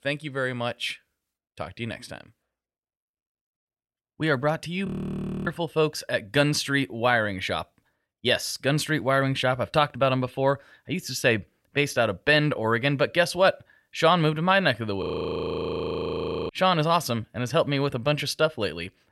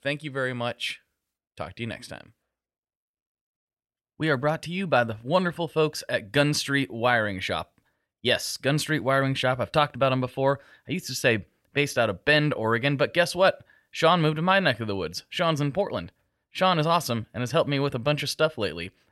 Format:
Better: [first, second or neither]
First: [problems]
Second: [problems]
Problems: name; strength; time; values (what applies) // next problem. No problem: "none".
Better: second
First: audio freezing; at 5 s for 0.5 s and at 15 s for 1.5 s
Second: none